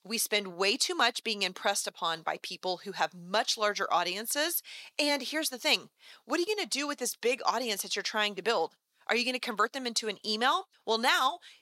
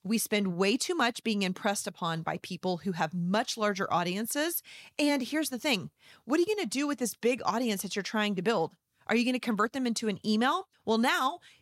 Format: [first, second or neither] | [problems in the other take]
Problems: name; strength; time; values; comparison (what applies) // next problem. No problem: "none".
second | thin; somewhat; fading below 450 Hz